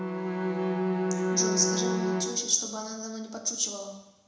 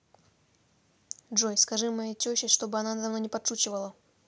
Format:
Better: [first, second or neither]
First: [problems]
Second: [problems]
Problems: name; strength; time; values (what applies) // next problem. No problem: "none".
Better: second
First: background sound (Bowed string instrument); 2 dB above the speech // room echo; dies away in 1 s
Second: none